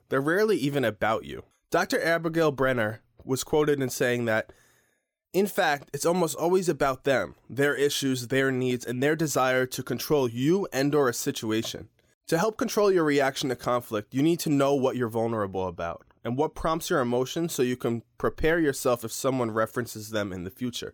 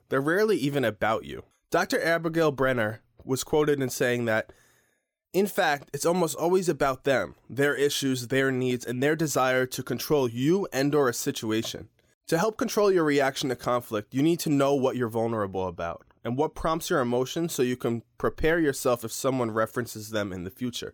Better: neither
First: none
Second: none

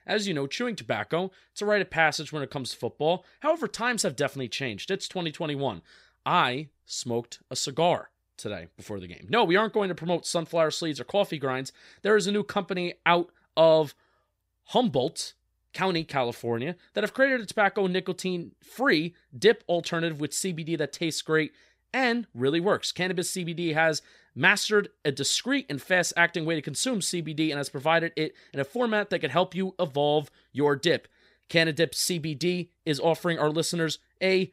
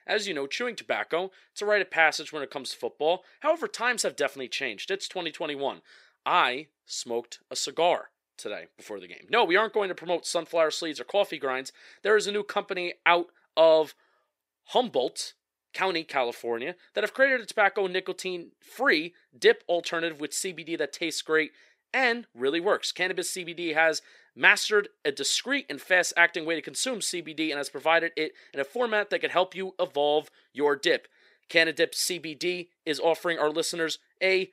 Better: first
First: none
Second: thin; somewhat; fading below 400 Hz

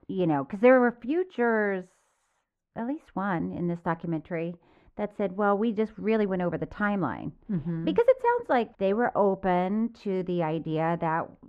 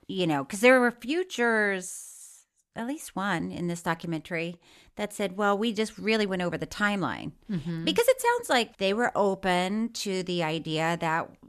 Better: second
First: muffled; very; fading above 3.5 kHz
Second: none

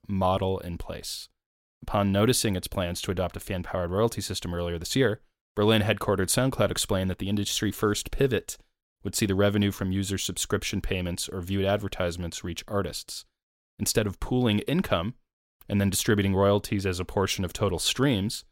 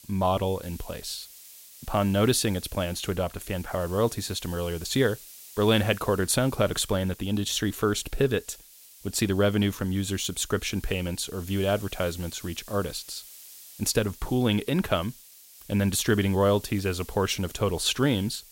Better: first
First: none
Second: hiss; noticeable; throughout; 20 dB below the speech

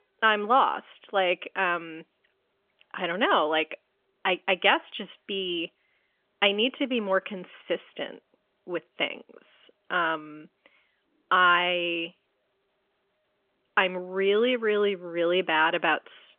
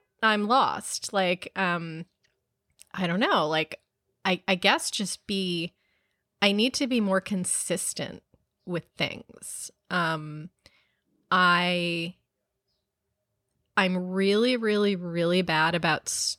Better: second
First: phone-call audio; nothing above 3 kHz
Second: none

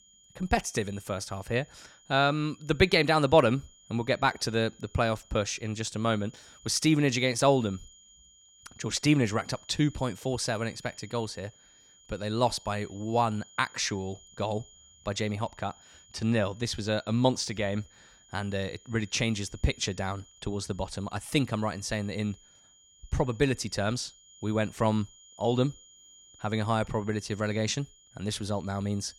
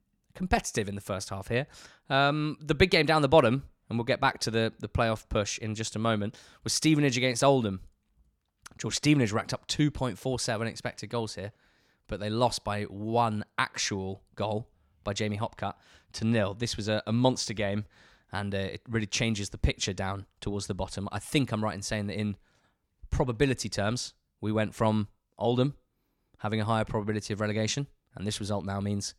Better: second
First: high-pitched whine; faint; throughout; 7 kHz, 25 dB below the speech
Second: none

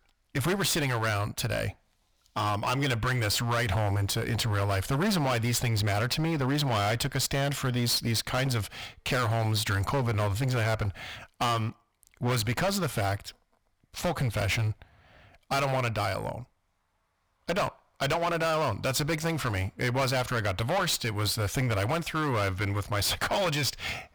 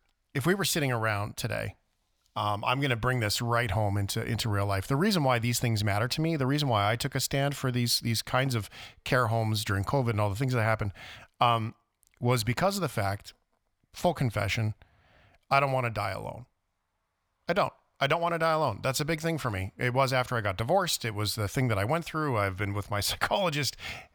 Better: second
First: distortion; heavy; 18% of the sound clipped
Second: none

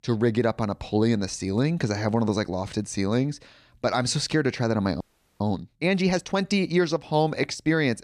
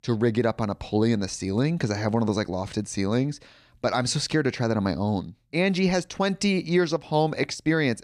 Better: second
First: audio freezing; at 5 s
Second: none

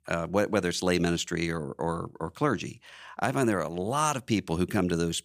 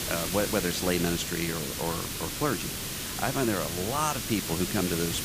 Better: first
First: none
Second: hiss; loud; throughout; 2 dB below the speech

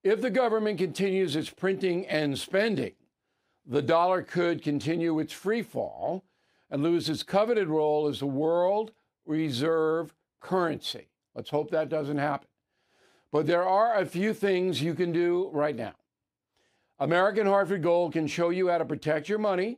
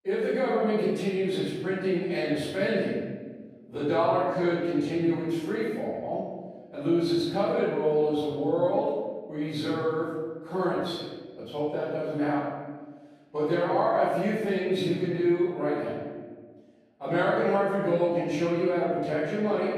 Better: first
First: none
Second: off-mic speech; far // room echo; strong; dies away in 1.4 s

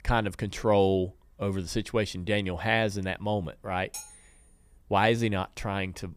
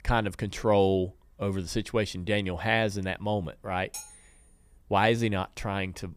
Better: neither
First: clattering dishes; faint; at 4 s; peak 10 dB below the speech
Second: clattering dishes; faint; at 4 s; peak 10 dB below the speech

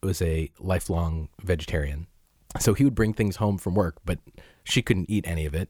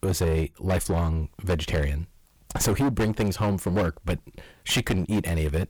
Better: first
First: none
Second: distortion; heavy; 17% of the sound clipped

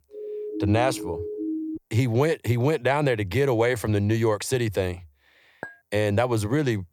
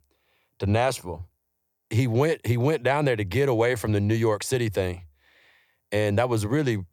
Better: second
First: siren; noticeable; until 2 s; peak 6 dB below the speech // clattering dishes; faint; at 5.5 s; peak 15 dB below the speech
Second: none

